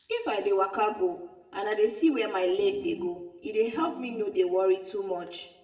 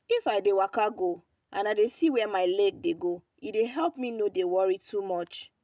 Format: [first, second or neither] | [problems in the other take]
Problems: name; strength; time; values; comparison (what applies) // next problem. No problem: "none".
second | background sound (Piano); 15 dB below the speech // room echo; dies away in 0.7 s